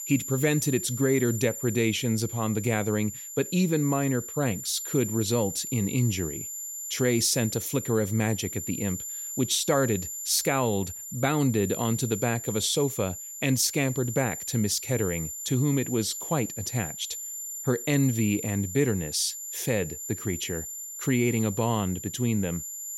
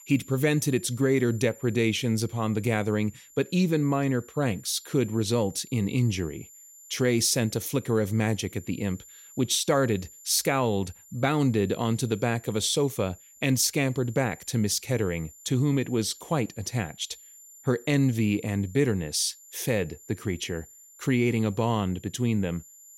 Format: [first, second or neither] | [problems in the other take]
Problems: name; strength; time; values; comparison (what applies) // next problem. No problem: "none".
second | high-pitched whine; loud; throughout; 7 kHz, 7 dB below the speech; faint in the second